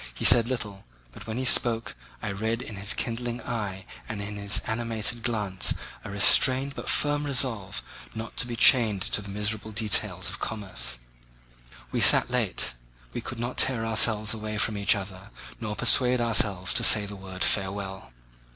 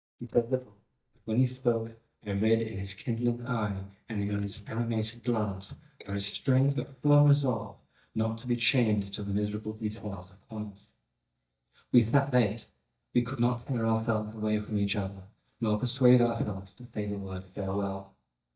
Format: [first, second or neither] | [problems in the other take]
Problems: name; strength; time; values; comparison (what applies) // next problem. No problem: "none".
first | noise reduction (neural mask model DeepFilterNet 3)